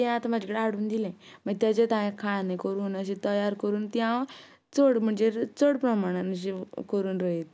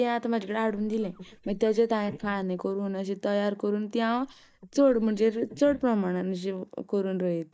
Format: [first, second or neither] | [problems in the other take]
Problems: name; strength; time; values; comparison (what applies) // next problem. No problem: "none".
first | noise reduction (neural mask model DeepFilterNet 3)